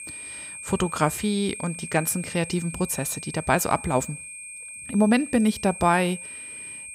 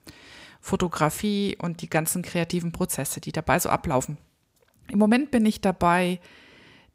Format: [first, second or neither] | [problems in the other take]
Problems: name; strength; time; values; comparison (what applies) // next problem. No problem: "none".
second | high-pitched whine; noticeable; throughout; 8.5 kHz, 10 dB below the speech